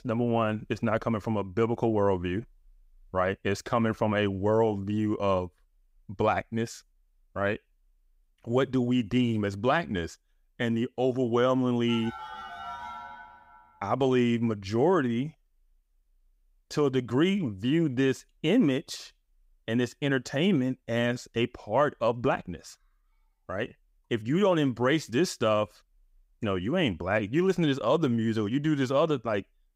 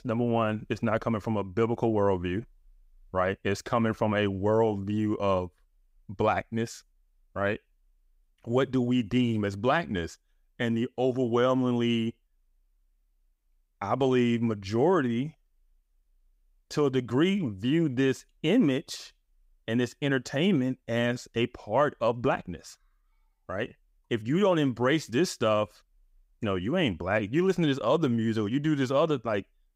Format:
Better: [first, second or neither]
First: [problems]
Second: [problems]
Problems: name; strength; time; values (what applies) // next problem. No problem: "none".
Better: second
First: phone ringing; faint; from 12 to 14 s; peak 10 dB below the speech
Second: none